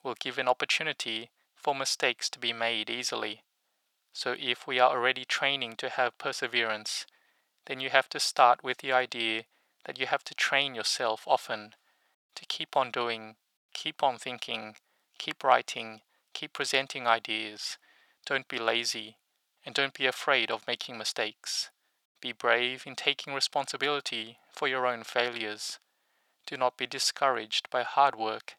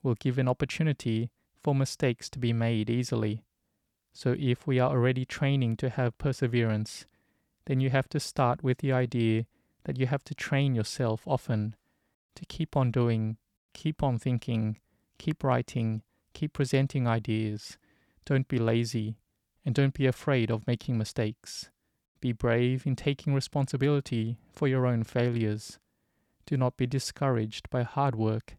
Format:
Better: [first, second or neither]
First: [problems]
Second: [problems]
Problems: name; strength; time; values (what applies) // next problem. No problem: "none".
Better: second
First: thin; very; fading below 750 Hz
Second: none